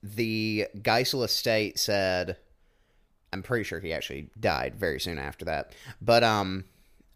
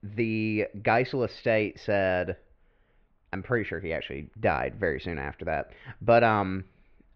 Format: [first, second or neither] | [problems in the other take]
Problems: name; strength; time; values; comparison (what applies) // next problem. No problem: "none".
first | muffled; very; fading above 2.5 kHz